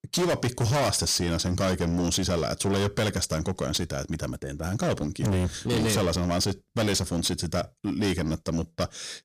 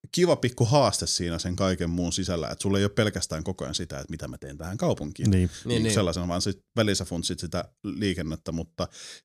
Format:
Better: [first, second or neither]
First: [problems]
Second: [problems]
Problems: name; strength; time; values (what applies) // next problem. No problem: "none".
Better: second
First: distortion; heavy; 19% of the sound clipped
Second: none